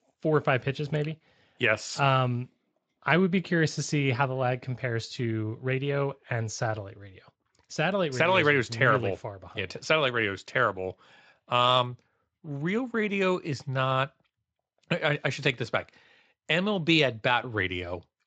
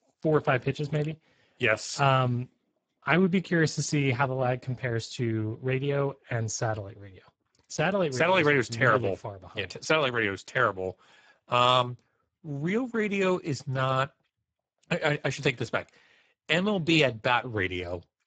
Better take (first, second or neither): first